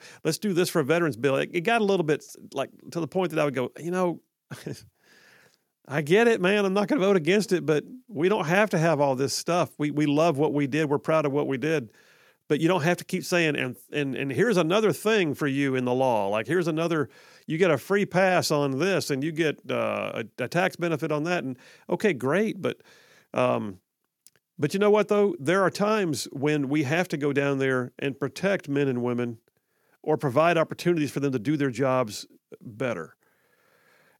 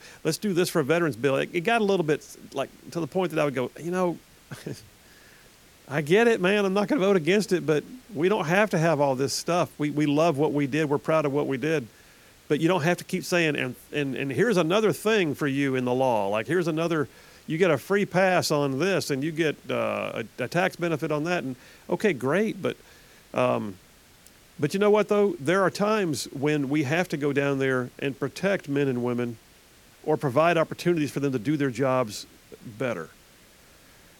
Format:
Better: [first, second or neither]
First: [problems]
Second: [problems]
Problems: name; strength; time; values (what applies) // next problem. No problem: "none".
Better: first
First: none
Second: hiss; faint; throughout; 30 dB below the speech